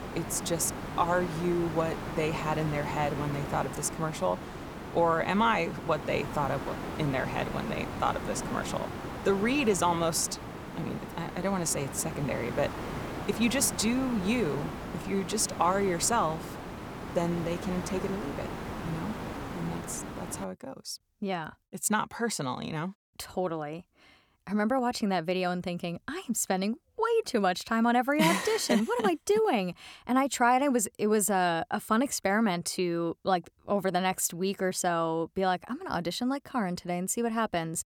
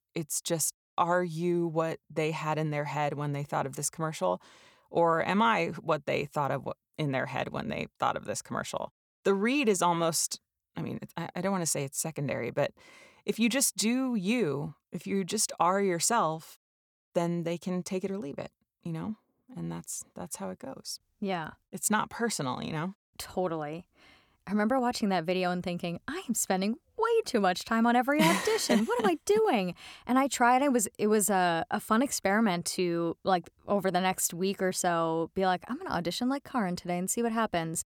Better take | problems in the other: second | hiss; loud; until 20 s; 8 dB below the speech

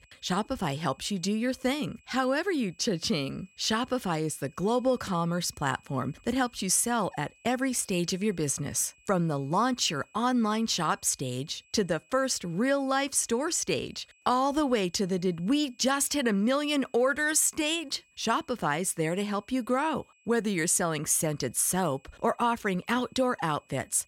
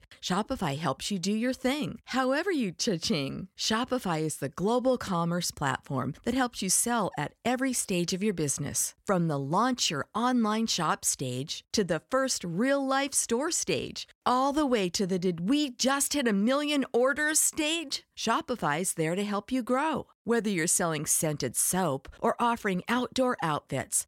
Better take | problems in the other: second | high-pitched whine; faint; throughout; 2.5 kHz, 35 dB below the speech

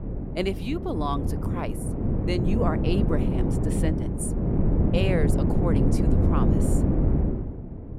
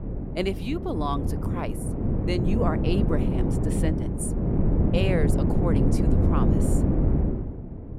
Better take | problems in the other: neither | wind noise on the microphone; heavy; as loud as the speech; the same in both

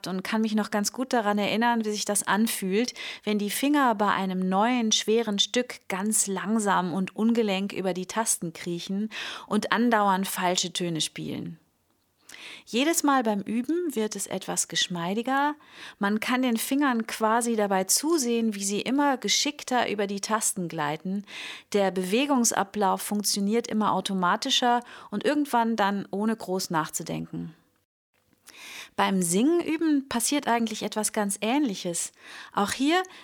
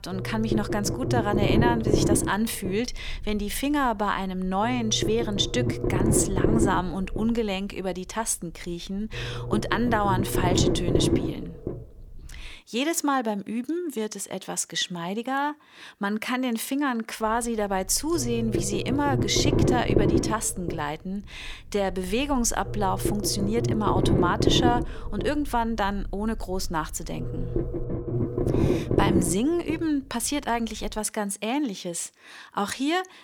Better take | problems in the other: first | low rumble; loud; until 13 s and from 17 to 31 s; 3 dB below the speech

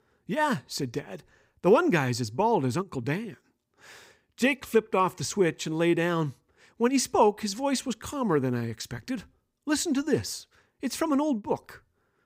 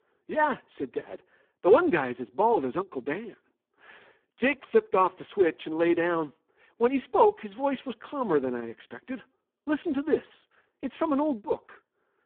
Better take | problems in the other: first | phone-call audio; poor line

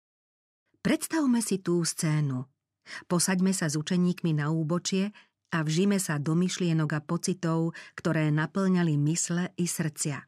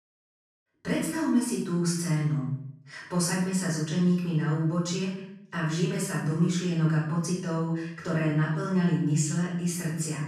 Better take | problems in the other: first | room echo; noticeable; dies away in 0.6 s // off-mic speech; far

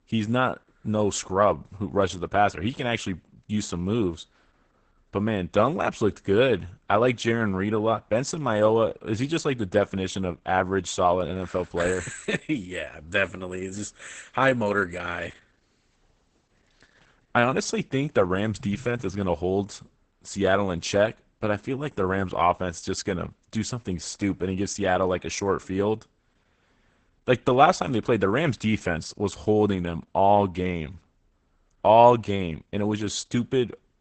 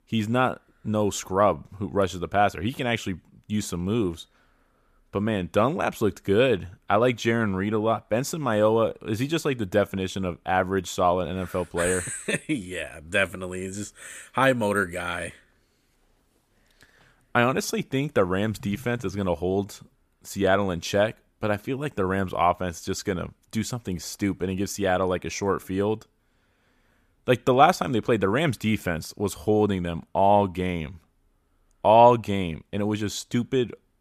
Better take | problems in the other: second | garbled, watery; badly; nothing above 8 kHz

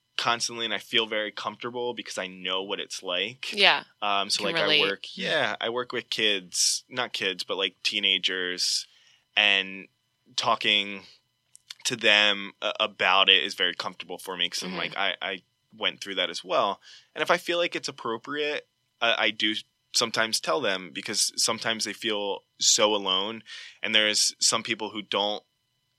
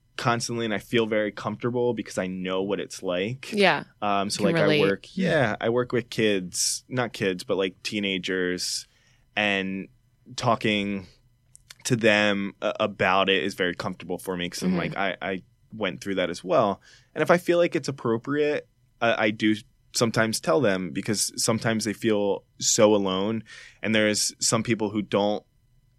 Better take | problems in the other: second | thin; somewhat; fading below 1 kHz

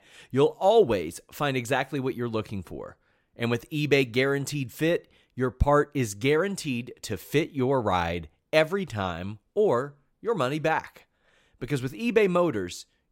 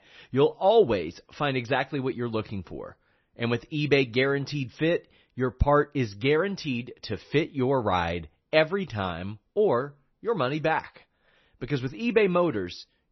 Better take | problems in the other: first | garbled, watery; slightly; nothing above 6 kHz

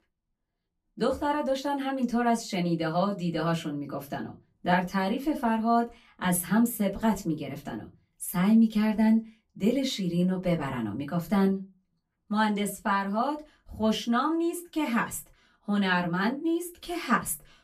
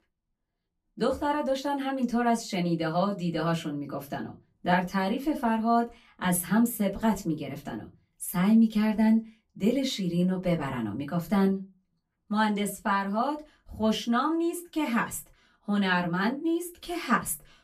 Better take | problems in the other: neither | off-mic speech; far; the same in both // room echo; very slight; dies away in 0.2 s; the same in both

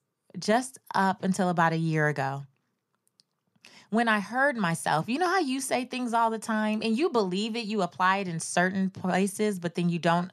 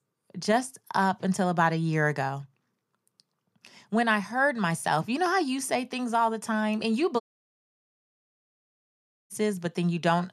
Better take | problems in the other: first | audio cutting out; at 7 s for 2 s

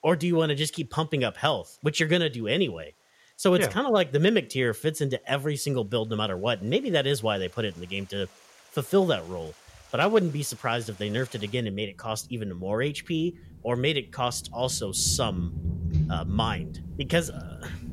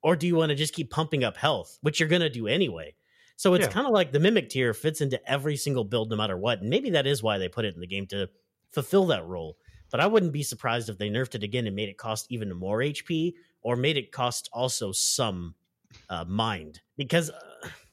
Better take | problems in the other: second | rain or running water; loud; throughout; 8 dB below the speech

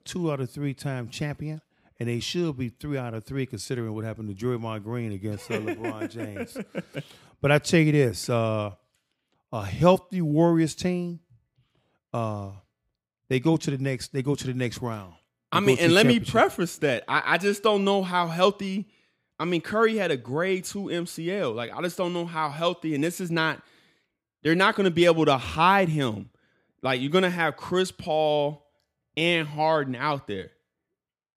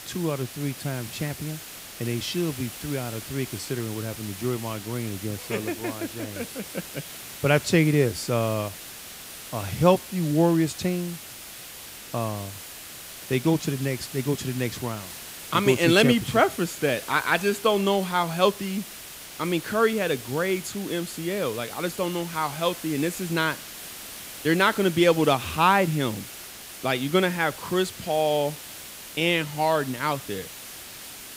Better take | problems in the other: first | hiss; noticeable; throughout; 10 dB below the speech

